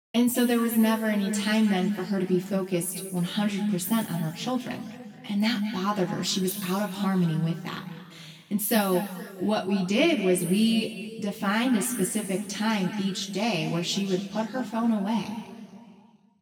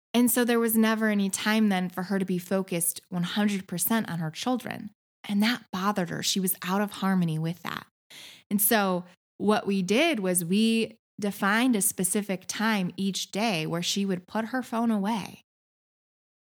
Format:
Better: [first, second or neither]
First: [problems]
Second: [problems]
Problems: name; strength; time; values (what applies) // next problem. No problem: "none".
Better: second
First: room echo; noticeable; dies away in 1.9 s // off-mic speech; far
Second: none